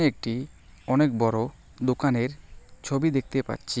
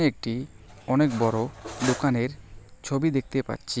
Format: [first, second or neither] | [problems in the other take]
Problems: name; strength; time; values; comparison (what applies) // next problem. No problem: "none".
first | background sound (Cutlery, silverware); 13 dB below the speech